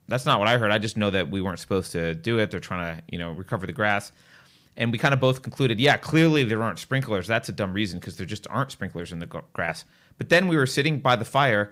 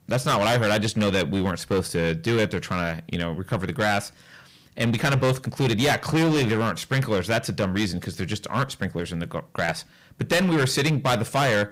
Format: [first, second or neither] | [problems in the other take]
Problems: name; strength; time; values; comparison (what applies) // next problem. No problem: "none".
first | distortion; heavy; 13% of the sound clipped